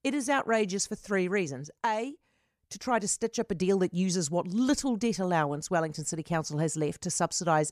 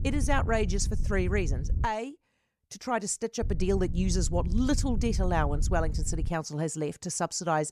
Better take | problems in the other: first | wind noise on the microphone; occasional gusts; until 2 s and from 3.5 to 6.5 s; 15 dB below the speech

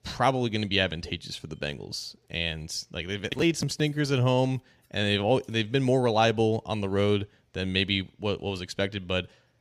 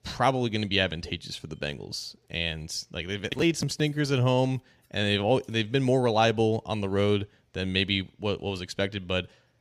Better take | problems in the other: neither | none

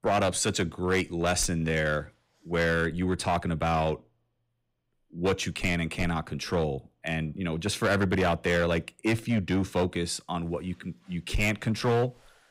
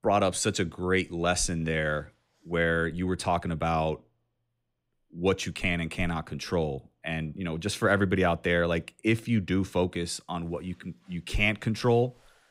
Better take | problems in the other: second | distortion; slight; 7% of the sound clipped

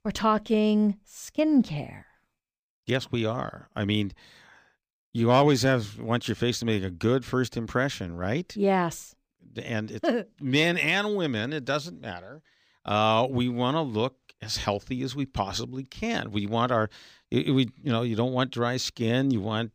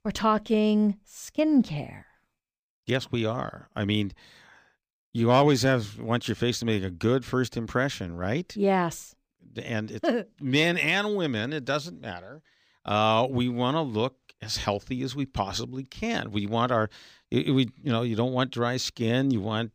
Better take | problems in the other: neither | none

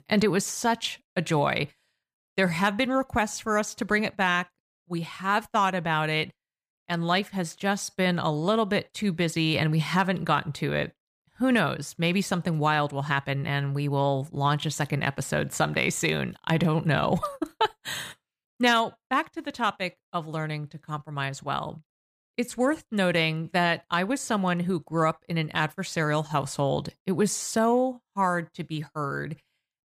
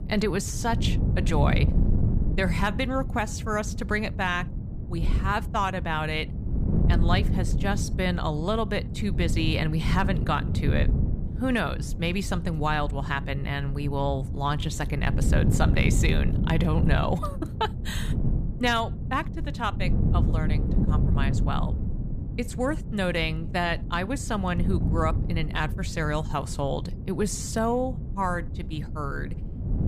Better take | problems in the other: first | wind noise on the microphone; occasional gusts; 10 dB below the speech

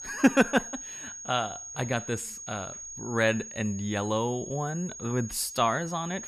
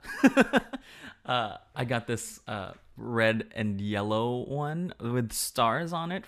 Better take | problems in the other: second | high-pitched whine; loud; throughout; 6.5 kHz, 10 dB below the speech

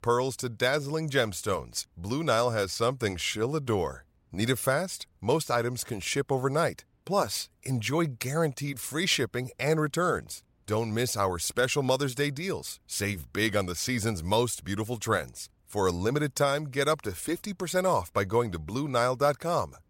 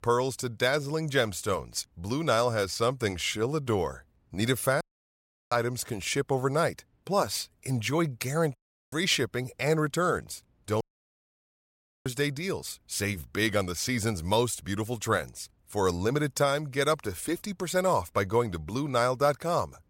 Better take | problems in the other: first | audio cutting out; at 5 s for 0.5 s, at 8.5 s and at 11 s for 1.5 s

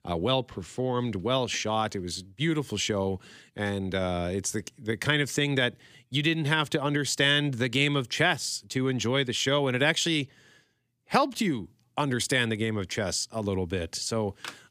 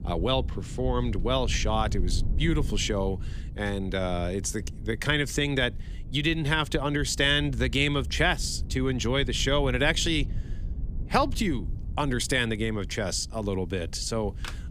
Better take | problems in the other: first | low rumble; faint; throughout; 25 dB below the speech

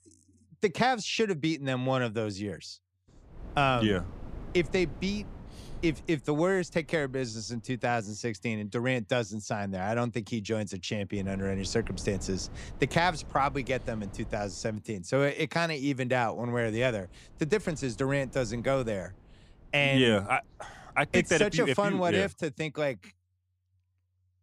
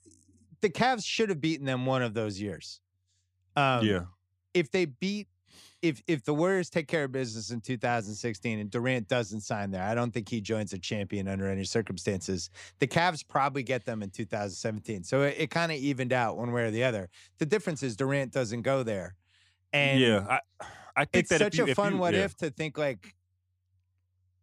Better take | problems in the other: second | wind noise on the microphone; occasional gusts; from 3 to 8 s, from 11 to 15 s and from 17 to 22 s; 25 dB below the speech

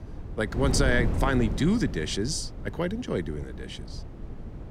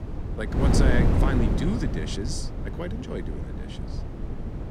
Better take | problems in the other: first | wind noise on the microphone; heavy; 1 dB below the speech; occasional gusts in the first

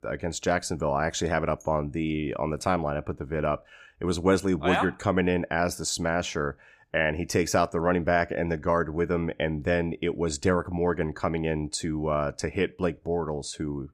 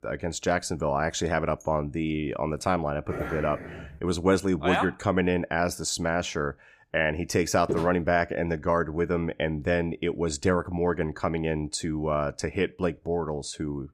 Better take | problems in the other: first | dog barking; noticeable; at 3 s; peak 7 dB below the speech // footsteps; noticeable; at 7.5 s; peak 6 dB below the speech

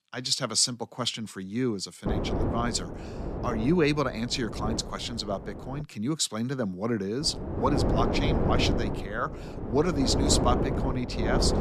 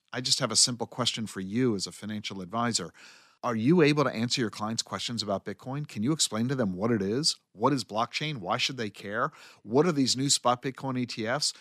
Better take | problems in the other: second | wind noise on the microphone; heavy; from 2 to 6 s and from 7 s on; 4 dB below the speech

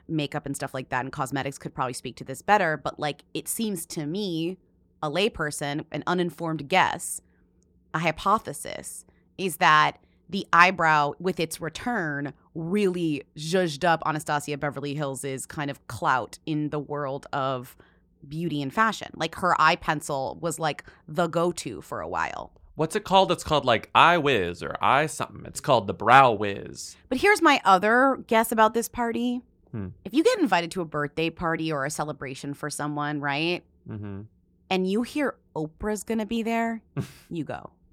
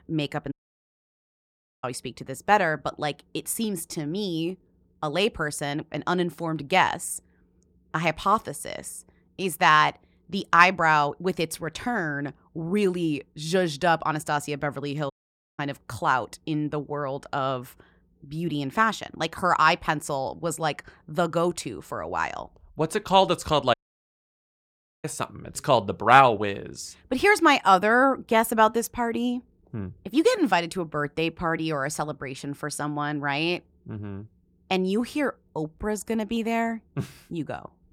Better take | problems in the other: first | audio cutting out; at 0.5 s for 1.5 s, at 15 s and at 24 s for 1.5 s

